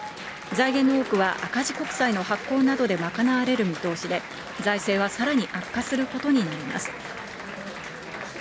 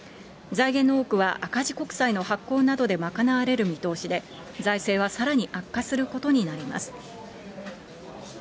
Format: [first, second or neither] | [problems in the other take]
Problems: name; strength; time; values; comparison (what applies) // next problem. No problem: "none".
second | background sound (Applause); 10 dB below the speech